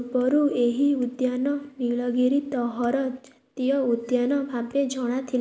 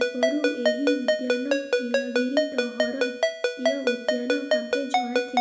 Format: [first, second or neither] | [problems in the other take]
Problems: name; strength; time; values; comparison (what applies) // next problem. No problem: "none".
first | background sound (Ringtone); 5 dB above the speech // room echo; dies away in 0.6 s